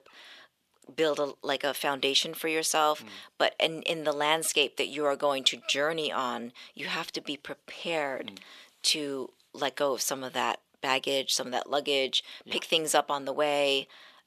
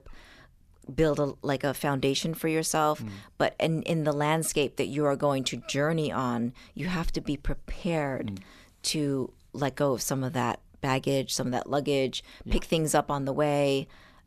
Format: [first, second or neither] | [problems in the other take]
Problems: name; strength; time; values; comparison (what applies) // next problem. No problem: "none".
second | thin; somewhat; fading below 450 Hz